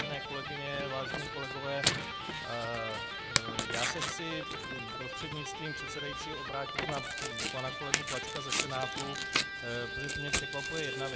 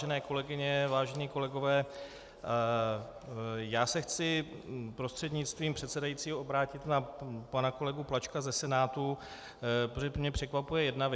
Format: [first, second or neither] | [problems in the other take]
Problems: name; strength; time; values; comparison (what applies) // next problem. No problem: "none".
second | background sound (Tearing + Electric guitar); 4 dB above the speech